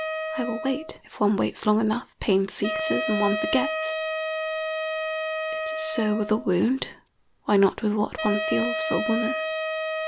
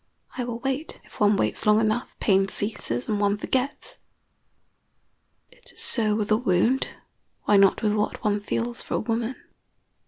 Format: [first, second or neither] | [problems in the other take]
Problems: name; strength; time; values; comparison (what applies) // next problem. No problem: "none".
second | background sound (Wind instrument, woodwind instrument); 4 dB below the speech